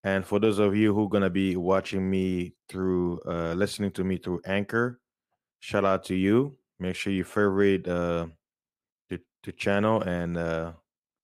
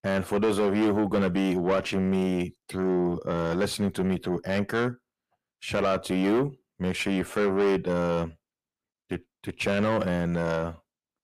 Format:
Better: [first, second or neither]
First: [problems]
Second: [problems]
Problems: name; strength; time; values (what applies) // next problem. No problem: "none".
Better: first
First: none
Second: distortion; heavy; 7 dB below the speech